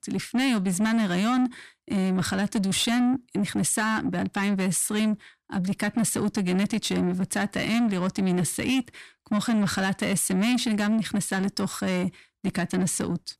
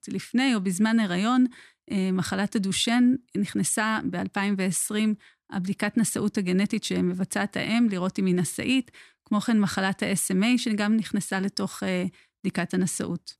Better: second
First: distortion; slight; 10 dB below the speech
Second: none

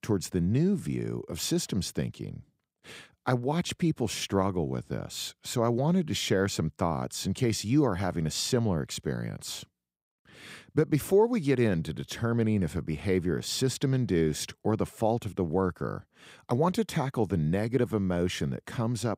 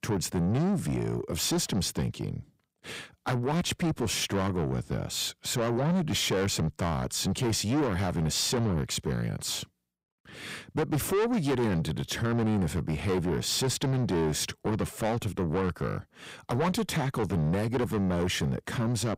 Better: first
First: none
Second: distortion; heavy; 6 dB below the speech

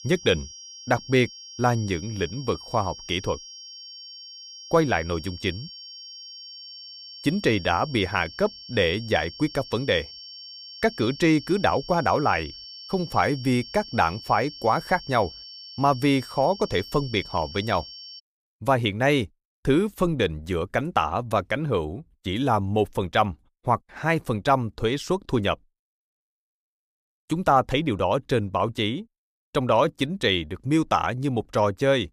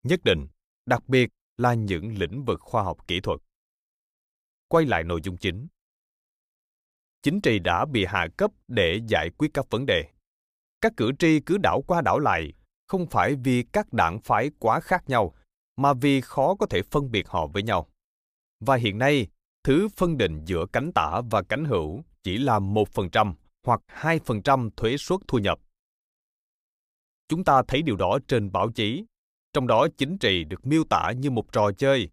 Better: second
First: high-pitched whine; noticeable; until 18 s; 5.5 kHz, 15 dB below the speech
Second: none

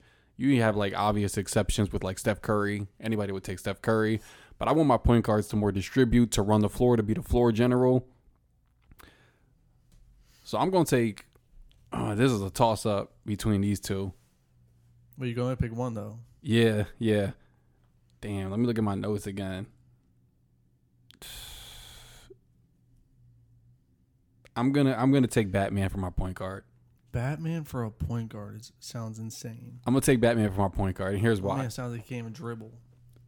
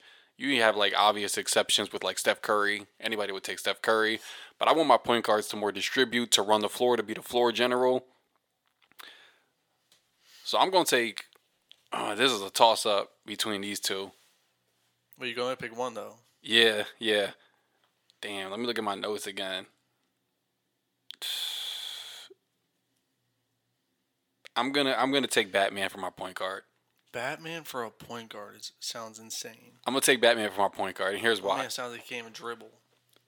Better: first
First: none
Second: thin; somewhat; fading below 550 Hz

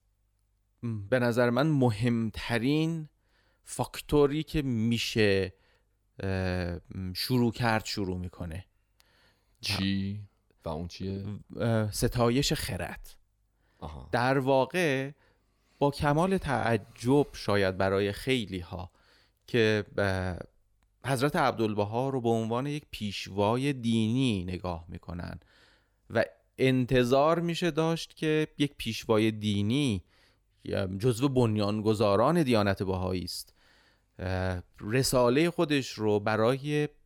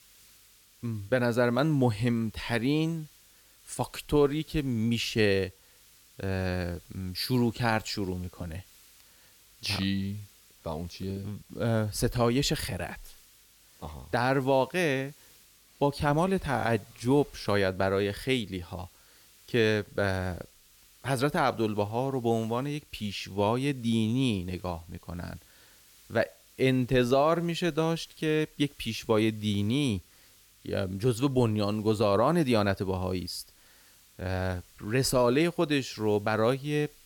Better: first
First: none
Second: hiss; faint; throughout; 25 dB below the speech

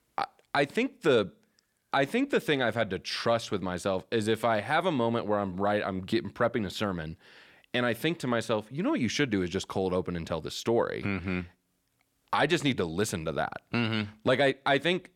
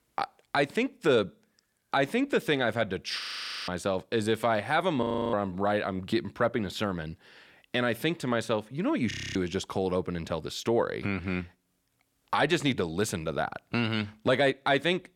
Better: first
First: none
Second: audio freezing; at 3 s, at 5 s and at 9 s

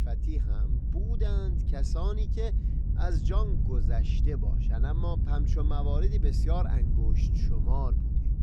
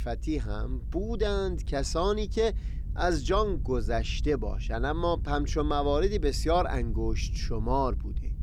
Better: second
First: low rumble; loud; throughout; 4 dB below the speech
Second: low rumble; faint; throughout; 20 dB below the speech

